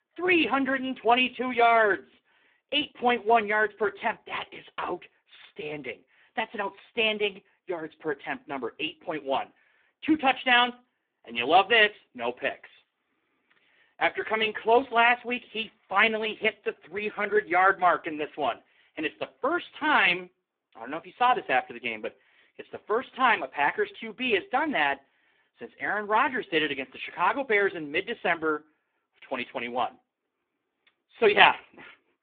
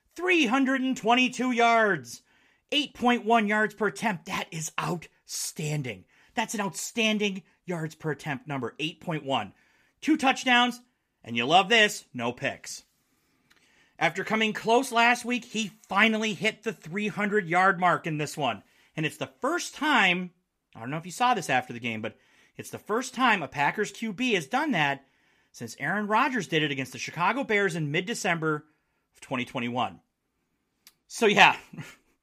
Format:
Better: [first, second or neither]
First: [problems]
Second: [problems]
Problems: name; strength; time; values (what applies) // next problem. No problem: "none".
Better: second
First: phone-call audio; poor line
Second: none